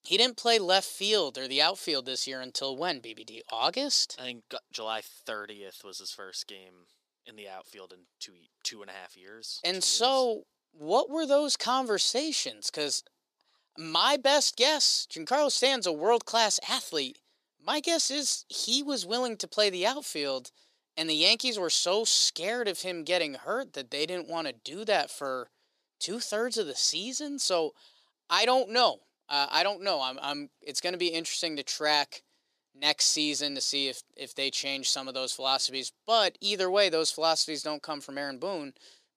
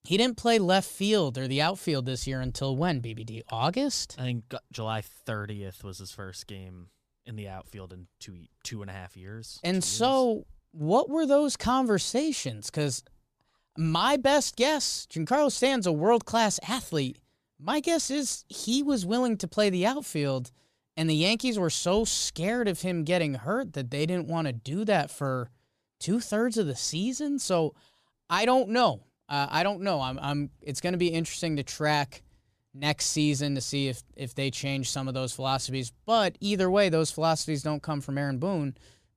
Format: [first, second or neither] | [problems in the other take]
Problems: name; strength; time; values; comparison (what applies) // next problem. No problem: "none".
second | thin; somewhat; fading below 350 Hz